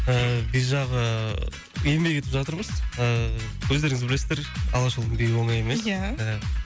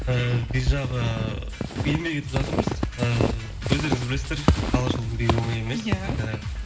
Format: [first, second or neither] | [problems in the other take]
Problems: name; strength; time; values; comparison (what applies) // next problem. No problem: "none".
first | background sound (Squeak / Walk, footsteps); as loud as the speech // room echo; dies away in 0.6 s